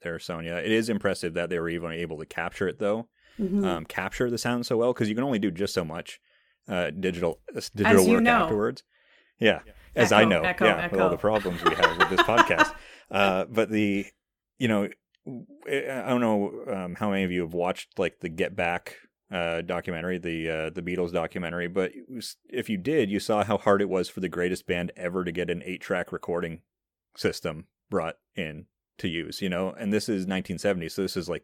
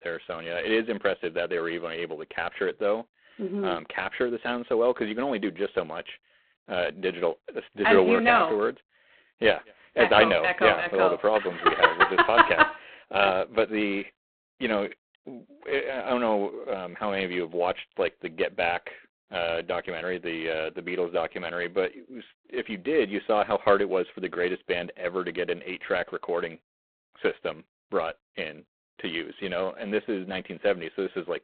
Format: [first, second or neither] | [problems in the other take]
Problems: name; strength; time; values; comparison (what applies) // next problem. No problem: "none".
first | phone-call audio; poor line